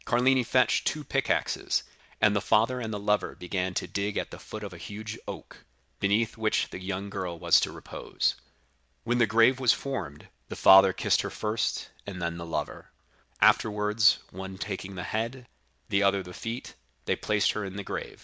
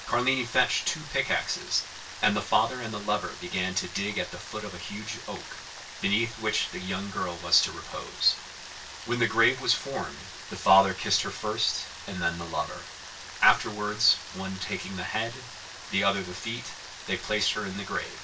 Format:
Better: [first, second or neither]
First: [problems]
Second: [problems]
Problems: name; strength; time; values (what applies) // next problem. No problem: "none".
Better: first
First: none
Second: background sound (Rain); 13 dB below the speech // room echo; dies away in 0.2 s